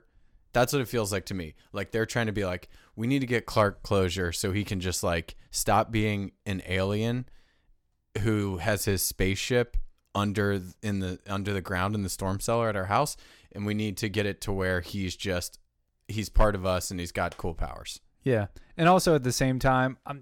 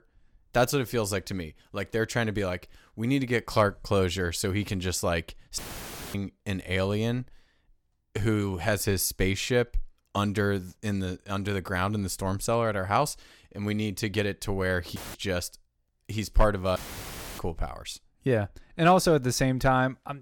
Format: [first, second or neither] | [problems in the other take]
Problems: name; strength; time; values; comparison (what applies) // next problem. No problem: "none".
first | audio cutting out; filled with static; at 5.5 s for 0.5 s, at 15 s and at 17 s for 0.5 s